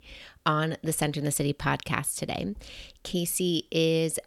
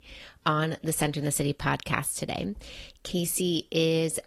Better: first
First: none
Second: garbled, watery; slightly; nothing above 12 kHz

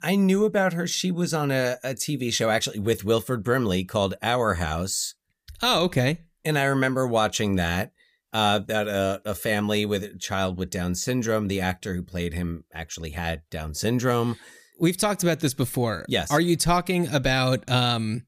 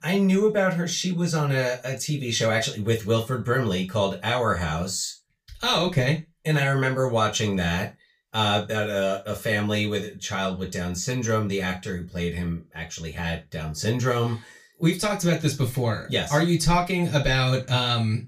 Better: first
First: none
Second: room echo; slight; dies away in 0.2 s // off-mic speech; far

